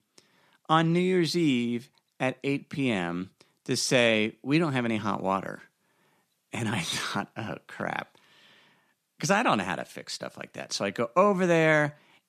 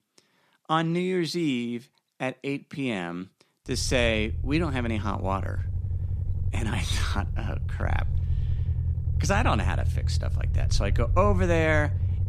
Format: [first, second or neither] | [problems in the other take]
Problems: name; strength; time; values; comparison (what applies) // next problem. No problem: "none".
first | low rumble; noticeable; from 3.5 s on; 15 dB below the speech